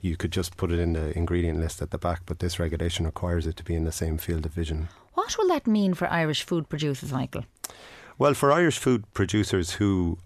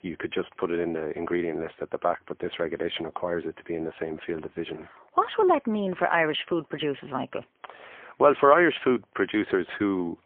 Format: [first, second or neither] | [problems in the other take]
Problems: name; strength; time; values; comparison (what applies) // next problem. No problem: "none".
first | phone-call audio; poor line; nothing above 3.5 kHz